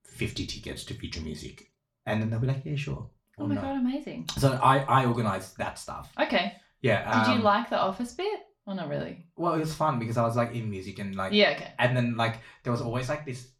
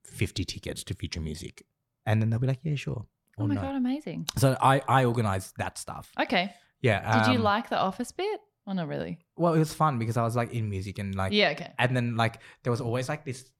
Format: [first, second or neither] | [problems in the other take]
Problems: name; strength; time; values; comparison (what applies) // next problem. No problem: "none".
second | room echo; very slight; dies away in 0.3 s // off-mic speech; somewhat distant